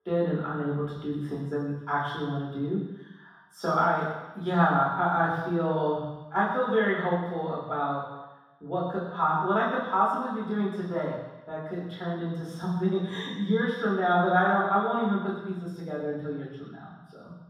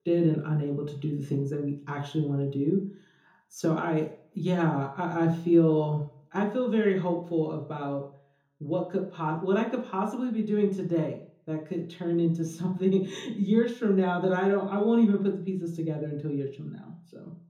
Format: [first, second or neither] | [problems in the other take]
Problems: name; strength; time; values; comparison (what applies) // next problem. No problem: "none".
second | room echo; strong; dies away in 1.2 s; slight in the second // off-mic speech; far; far in the second